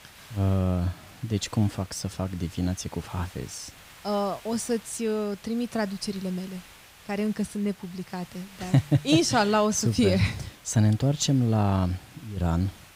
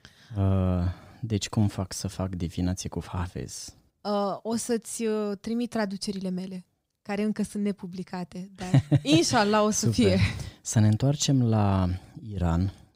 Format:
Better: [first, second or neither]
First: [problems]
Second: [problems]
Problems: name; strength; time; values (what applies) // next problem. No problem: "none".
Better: second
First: hiss; faint; throughout; 20 dB below the speech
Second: none